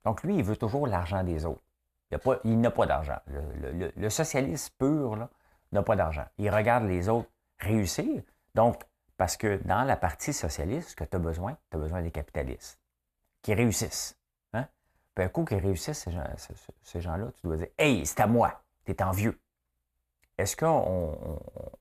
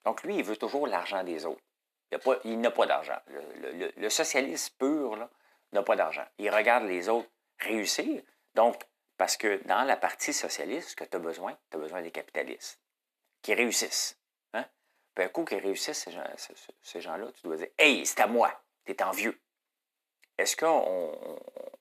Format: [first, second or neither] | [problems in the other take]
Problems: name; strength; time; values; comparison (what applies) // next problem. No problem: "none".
first | thin; somewhat; fading below 300 Hz